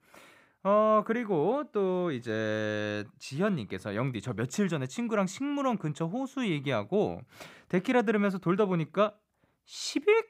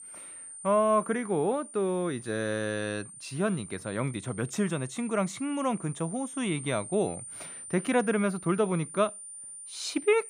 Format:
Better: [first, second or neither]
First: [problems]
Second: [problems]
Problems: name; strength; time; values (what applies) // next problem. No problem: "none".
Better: first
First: none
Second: high-pitched whine; noticeable; throughout; 9 kHz, 10 dB below the speech